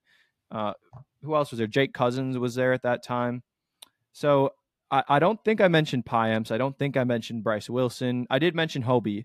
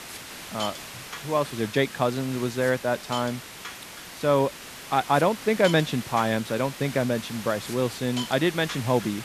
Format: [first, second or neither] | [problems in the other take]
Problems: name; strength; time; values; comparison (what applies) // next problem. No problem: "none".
first | hiss; noticeable; throughout; 10 dB below the speech